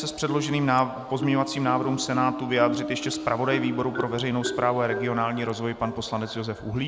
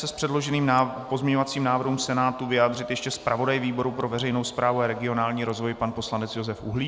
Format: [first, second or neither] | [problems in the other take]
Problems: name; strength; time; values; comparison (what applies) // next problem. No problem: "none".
second | background sound (Marimba, xylophone); 8 dB below the speech